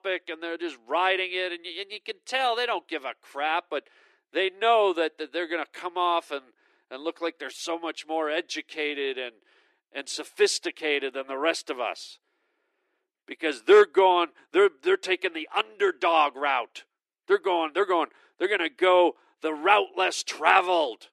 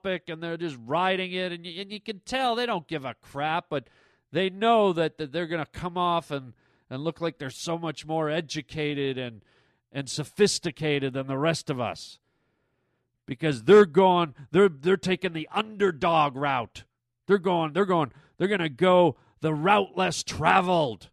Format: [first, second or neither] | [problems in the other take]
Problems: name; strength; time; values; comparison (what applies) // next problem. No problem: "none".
second | thin; very; fading below 350 Hz